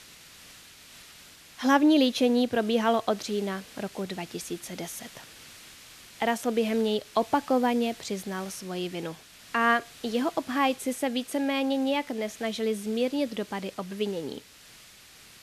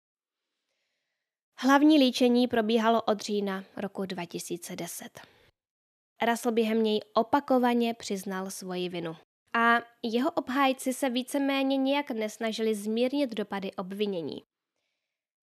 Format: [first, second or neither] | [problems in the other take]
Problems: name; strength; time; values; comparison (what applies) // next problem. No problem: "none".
second | hiss; noticeable; throughout; 20 dB below the speech